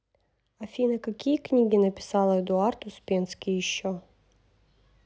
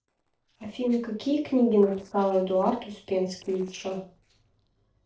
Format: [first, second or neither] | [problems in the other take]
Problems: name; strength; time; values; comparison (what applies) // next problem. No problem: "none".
first | noise reduction (neural separator model SepFormer DNS4)